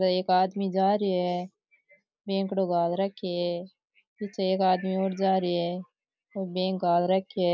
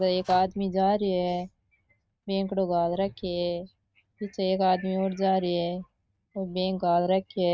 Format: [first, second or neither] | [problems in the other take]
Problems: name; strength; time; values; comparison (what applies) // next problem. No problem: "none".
first | noise reduction (neural mask model RNNoise)